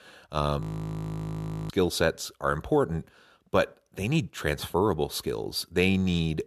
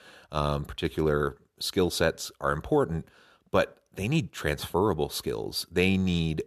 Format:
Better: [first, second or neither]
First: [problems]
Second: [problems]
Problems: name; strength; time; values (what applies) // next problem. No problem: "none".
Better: second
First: audio freezing; at 0.5 s for 1 s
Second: none